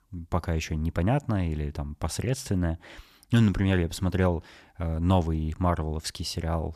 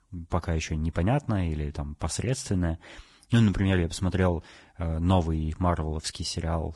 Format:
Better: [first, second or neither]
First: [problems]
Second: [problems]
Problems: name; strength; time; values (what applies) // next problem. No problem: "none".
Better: first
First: none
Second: garbled, watery; badly; nothing above 10.5 kHz